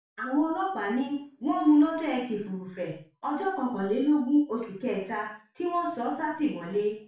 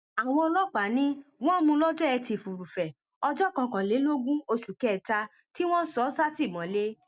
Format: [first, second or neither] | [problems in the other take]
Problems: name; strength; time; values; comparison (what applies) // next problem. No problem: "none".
second | room echo; dies away in 0.4 s